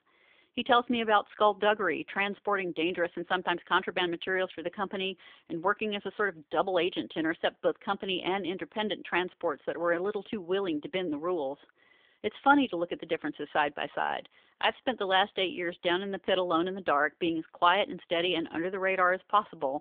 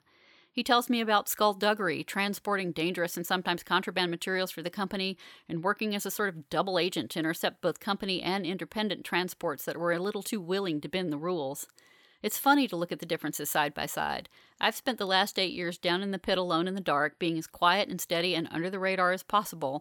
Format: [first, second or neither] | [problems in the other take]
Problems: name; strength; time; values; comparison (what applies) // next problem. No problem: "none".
second | phone-call audio; nothing above 3.5 kHz